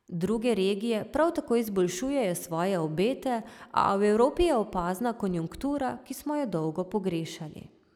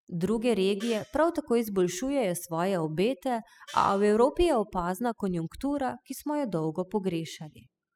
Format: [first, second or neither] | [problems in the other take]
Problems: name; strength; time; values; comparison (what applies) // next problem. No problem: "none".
first | noise reduction (classical method spectral subtraction)